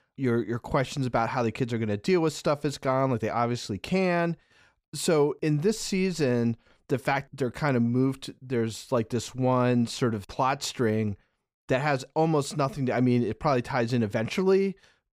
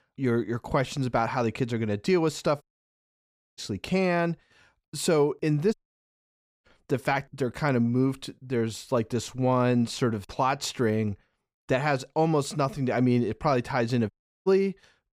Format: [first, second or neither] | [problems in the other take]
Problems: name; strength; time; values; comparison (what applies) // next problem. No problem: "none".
first | audio cutting out; at 2.5 s for 1 s, at 5.5 s for 1 s and at 14 s